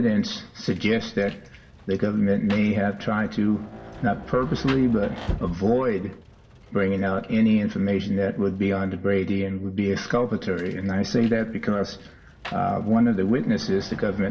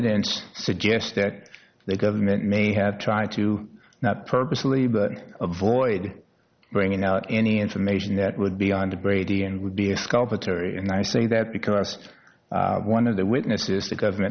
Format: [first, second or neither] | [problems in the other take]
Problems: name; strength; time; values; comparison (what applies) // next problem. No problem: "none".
second | background sound (Rain); 17 dB below the speech // room echo; dies away in 0.1 s